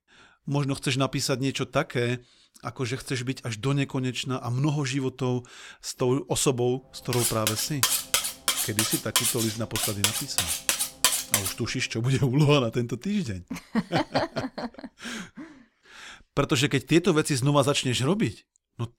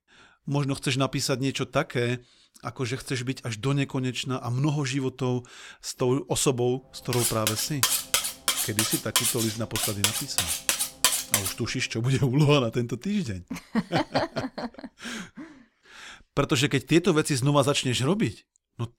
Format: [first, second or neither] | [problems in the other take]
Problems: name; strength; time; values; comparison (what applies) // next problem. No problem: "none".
neither | clattering dishes; loud; from 7 to 12 s; peak 5 dB above the speech; the same in both